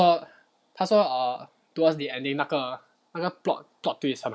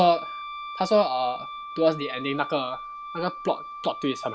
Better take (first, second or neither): first